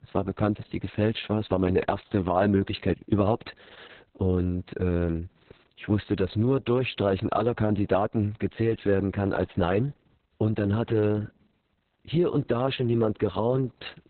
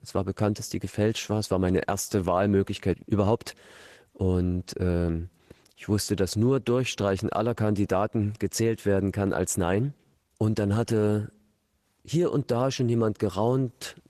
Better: second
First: garbled, watery; badly; nothing above 4 kHz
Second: garbled, watery; slightly; nothing above 14 kHz

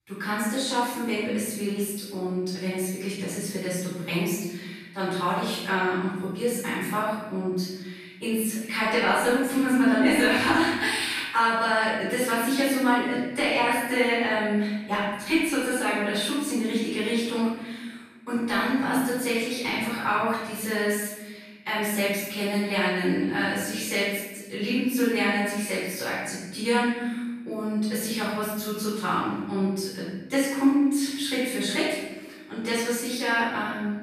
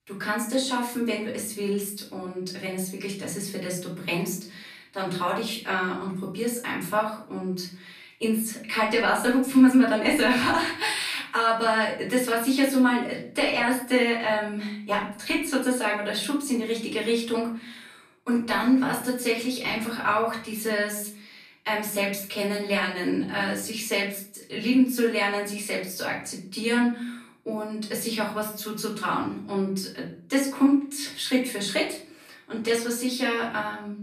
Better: second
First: room echo; strong; dies away in 1.2 s // off-mic speech; far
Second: room echo; slight; dies away in 0.5 s // off-mic speech; far

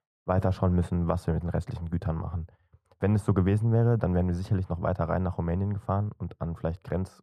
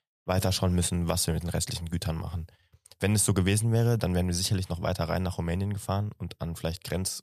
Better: second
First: muffled; very; fading above 2.5 kHz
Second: none

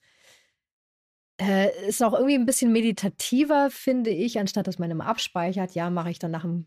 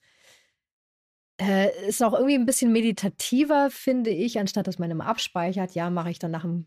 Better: neither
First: none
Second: none

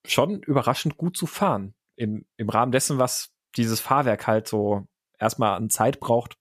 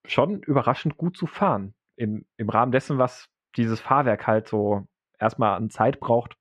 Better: first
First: none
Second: muffled; very; fading above 2 kHz

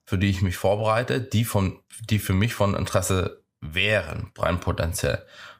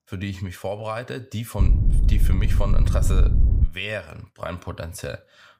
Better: first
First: none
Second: wind noise on the microphone; heavy; from 1.5 to 3.5 s; 6 dB below the speech

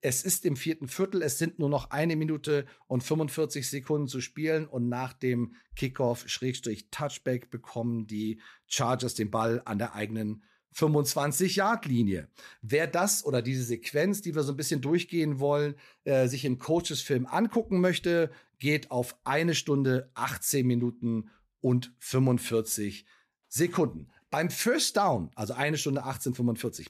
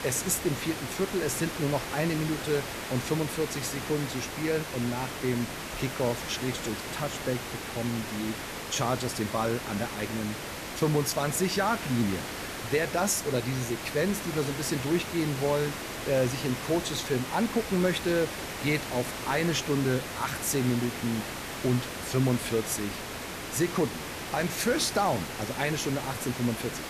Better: first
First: none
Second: hiss; loud; throughout; 6 dB below the speech

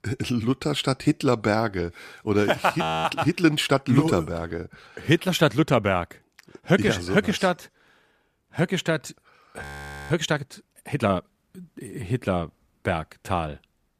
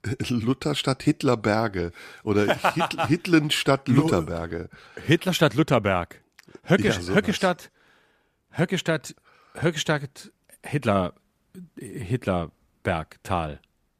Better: second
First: audio freezing; at 3 s and at 9.5 s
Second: none

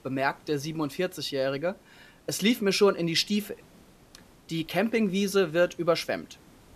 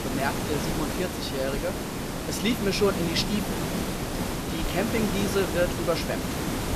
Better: first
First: hiss; faint; throughout; 30 dB below the speech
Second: hiss; loud; throughout; 1 dB below the speech

